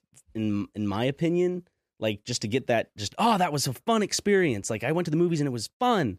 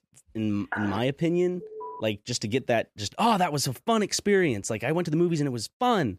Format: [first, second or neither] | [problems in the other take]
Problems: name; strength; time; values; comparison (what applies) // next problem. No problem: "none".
first | phone ringing; noticeable; at 0.5 s; peak 7 dB below the speech // alarm; faint; at 1.5 s; peak 15 dB below the speech